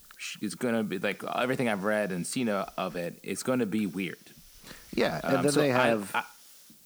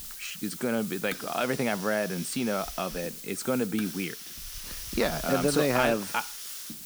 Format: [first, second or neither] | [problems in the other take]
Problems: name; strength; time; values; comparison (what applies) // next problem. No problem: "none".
first | hiss; loud; throughout; 8 dB below the speech; faint in the first